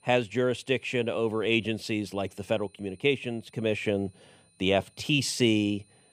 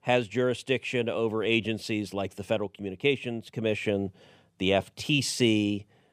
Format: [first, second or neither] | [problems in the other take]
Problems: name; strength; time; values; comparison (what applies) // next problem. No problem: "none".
second | high-pitched whine; faint; throughout; 9.5 kHz, 35 dB below the speech